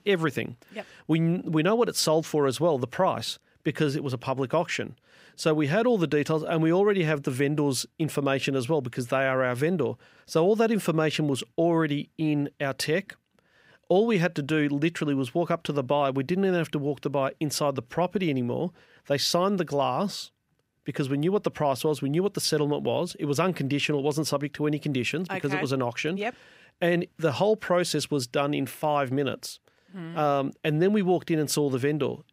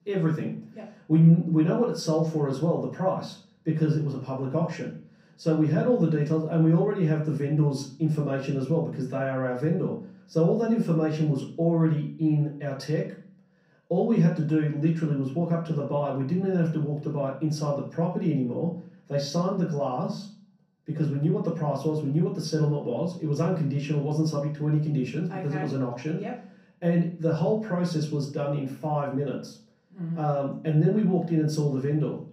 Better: first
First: none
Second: room echo; noticeable; dies away in 0.6 s // off-mic speech; far

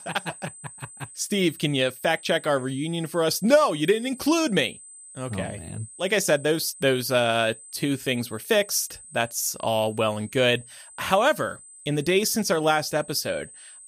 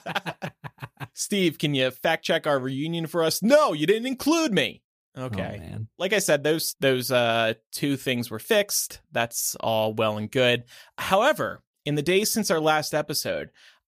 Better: second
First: high-pitched whine; noticeable; throughout; 8 kHz, 20 dB below the speech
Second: none

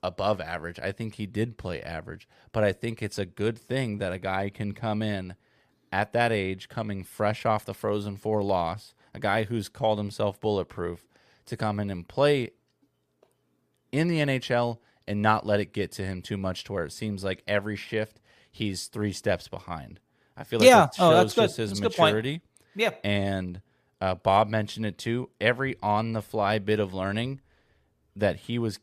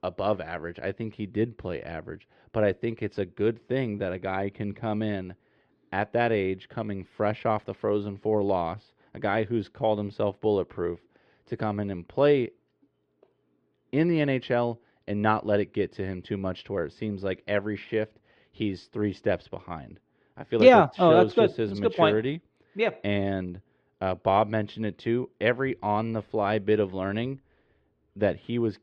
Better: first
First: none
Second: muffled; slightly; fading above 3.5 kHz

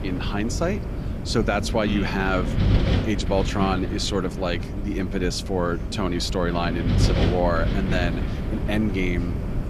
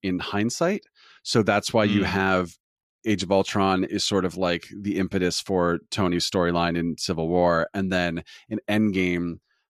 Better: second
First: wind noise on the microphone; heavy; 7 dB below the speech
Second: none

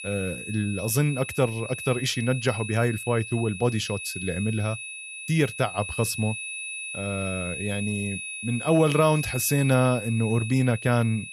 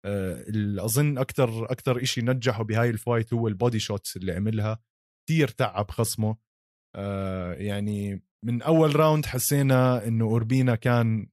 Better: second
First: high-pitched whine; loud; throughout; 2.5 kHz, 8 dB below the speech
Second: none

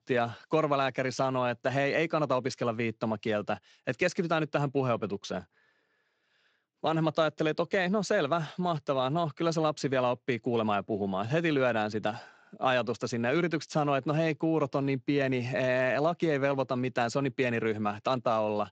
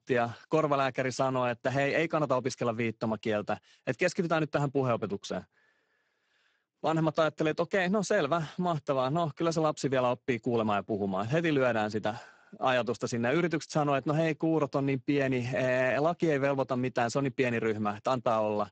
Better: first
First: garbled, watery; slightly; nothing above 7.5 kHz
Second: garbled, watery; badly; nothing above 8 kHz

